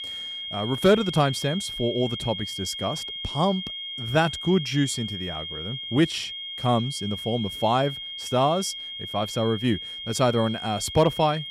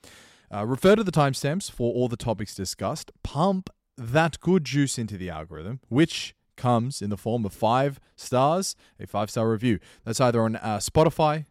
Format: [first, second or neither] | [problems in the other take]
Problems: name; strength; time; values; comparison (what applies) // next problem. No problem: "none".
second | high-pitched whine; loud; throughout; 3 kHz, 7 dB below the speech